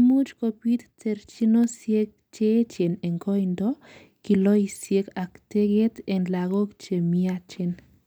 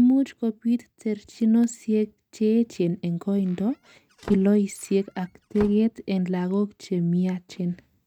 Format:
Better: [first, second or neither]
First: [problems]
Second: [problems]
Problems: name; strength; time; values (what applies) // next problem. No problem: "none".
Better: first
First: none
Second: noise reduction (neural mask model RNNoise)